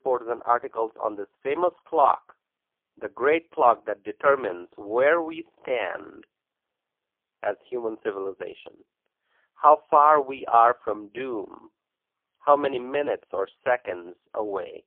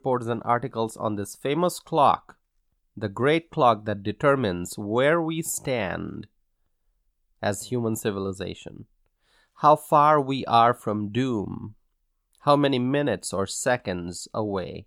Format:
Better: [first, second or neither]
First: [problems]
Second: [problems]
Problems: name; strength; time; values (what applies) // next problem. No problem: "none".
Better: second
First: phone-call audio; poor line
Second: none